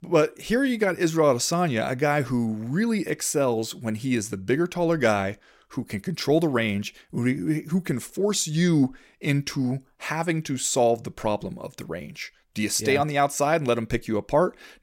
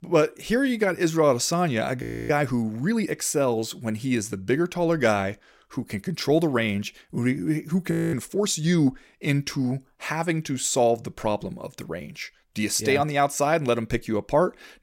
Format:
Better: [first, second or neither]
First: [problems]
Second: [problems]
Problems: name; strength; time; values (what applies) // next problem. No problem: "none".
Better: first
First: none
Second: audio freezing; at 2 s and at 8 s